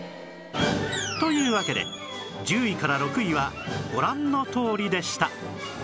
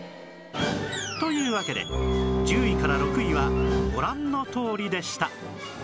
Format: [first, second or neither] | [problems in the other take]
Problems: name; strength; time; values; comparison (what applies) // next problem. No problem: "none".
first | background sound (Bowed string instrument); 3 dB above the speech